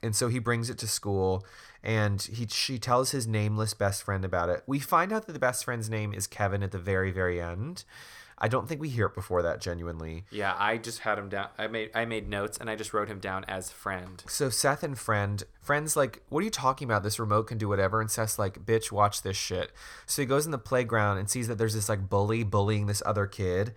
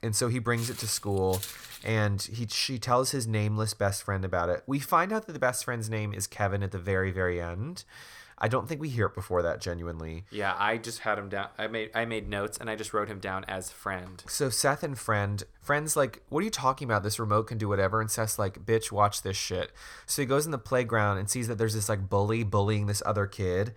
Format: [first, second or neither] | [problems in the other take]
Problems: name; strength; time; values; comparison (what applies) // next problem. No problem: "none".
first | footsteps; noticeable; from 0.5 to 2 s; peak 8 dB below the speech